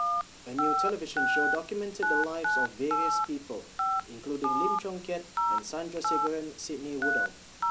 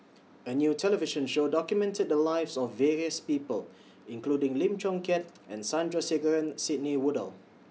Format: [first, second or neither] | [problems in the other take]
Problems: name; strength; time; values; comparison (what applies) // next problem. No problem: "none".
second | background sound (Telephone); 5 dB above the speech